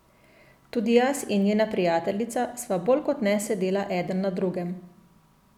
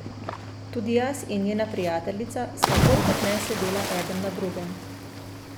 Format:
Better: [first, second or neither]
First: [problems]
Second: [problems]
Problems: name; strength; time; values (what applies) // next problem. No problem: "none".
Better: first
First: none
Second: background sound (Cricket / Waves, surf); as loud as the speech